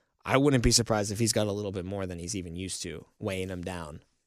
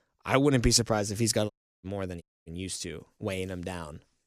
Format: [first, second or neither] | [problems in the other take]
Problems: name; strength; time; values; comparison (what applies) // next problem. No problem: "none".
first | audio cutting out; at 1.5 s and at 2 s